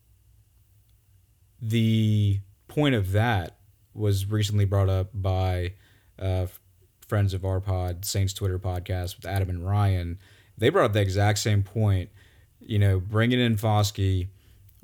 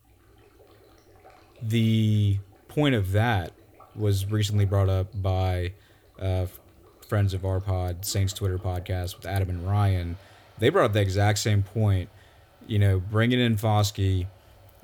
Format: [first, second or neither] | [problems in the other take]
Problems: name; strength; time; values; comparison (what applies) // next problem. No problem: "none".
first | rain or running water; faint; throughout; 30 dB below the speech